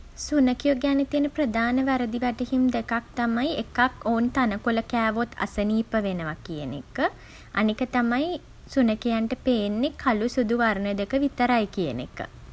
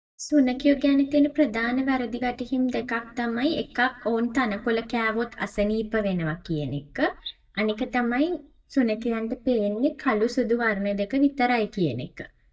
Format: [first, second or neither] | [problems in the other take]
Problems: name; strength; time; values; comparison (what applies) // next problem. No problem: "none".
first | noise reduction (neural mask model DeepFilterNet 3)